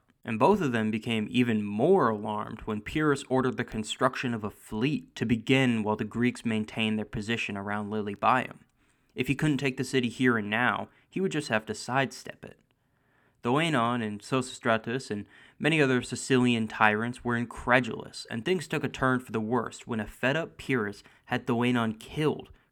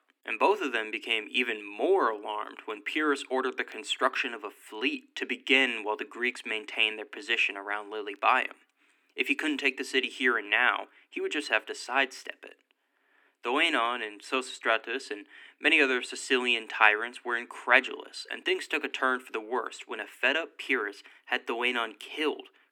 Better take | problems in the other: first | thin; somewhat; fading below 250 Hz

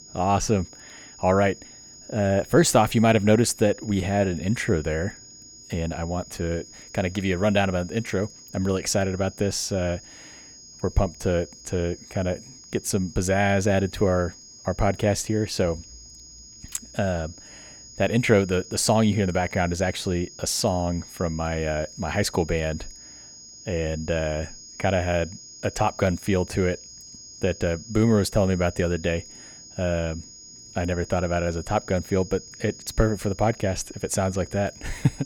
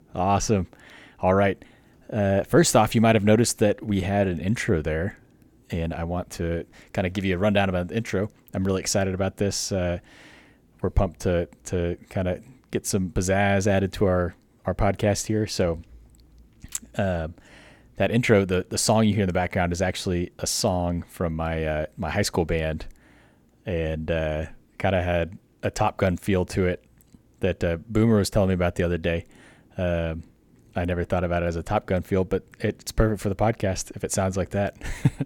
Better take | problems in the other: second | high-pitched whine; noticeable; throughout; 6.5 kHz, 15 dB below the speech

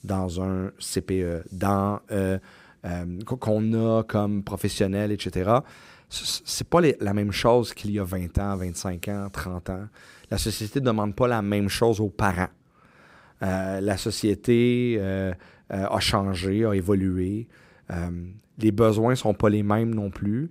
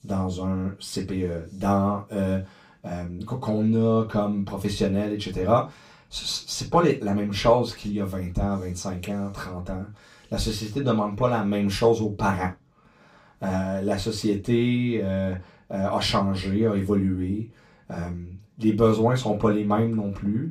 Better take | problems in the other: first | room echo; slight; dies away in 0.2 s // off-mic speech; far

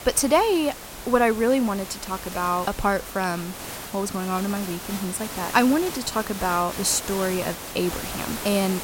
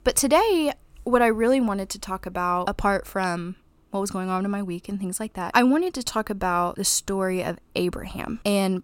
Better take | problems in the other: second | hiss; loud; throughout; 9 dB below the speech

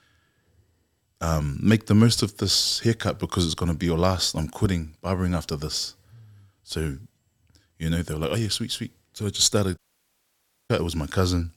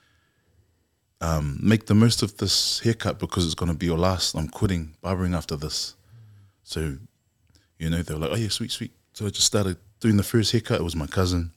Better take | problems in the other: second | audio cutting out; at 10 s for 1 s

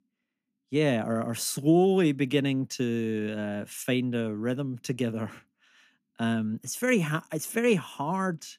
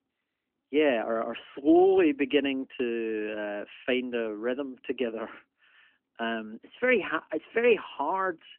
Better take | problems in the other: first | phone-call audio; nothing above 3 kHz

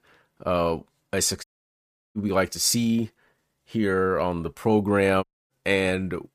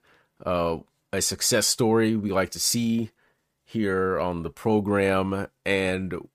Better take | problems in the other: second | audio cutting out; at 1.5 s for 0.5 s and at 5 s

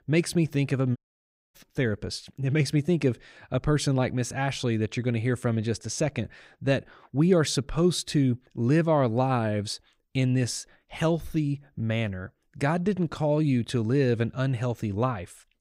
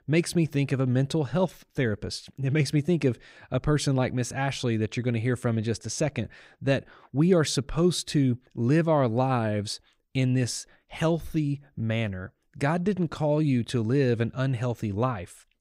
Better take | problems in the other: second | audio cutting out; at 1 s for 0.5 s

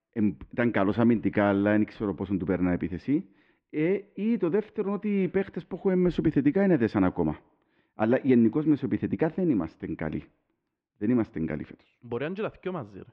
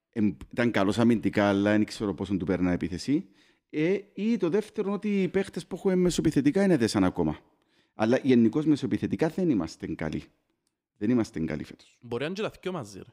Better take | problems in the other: second | muffled; very; fading above 2.5 kHz

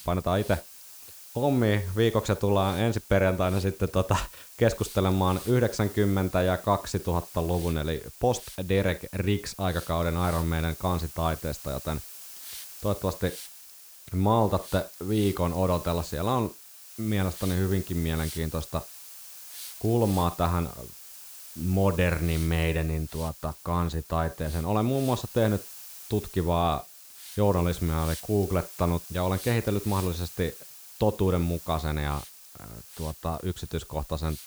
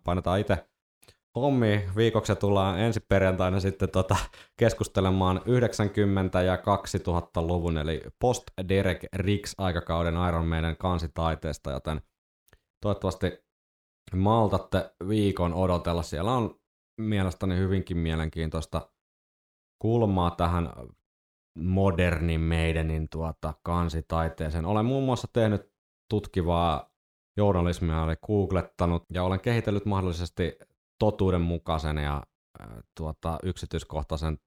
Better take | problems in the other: second | hiss; noticeable; throughout; 15 dB below the speech

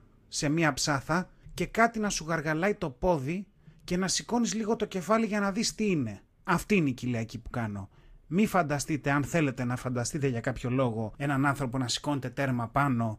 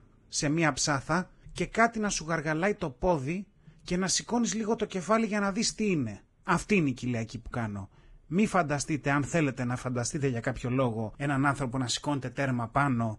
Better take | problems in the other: first | garbled, watery; badly; nothing above 10 kHz; slightly in the first

